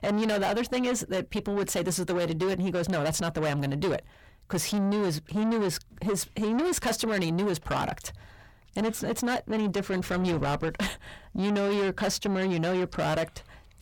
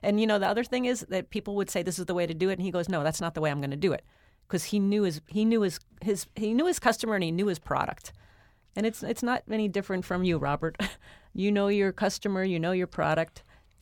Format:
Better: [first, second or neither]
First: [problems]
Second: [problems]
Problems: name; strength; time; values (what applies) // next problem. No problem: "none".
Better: second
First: distortion; heavy; 7 dB below the speech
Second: none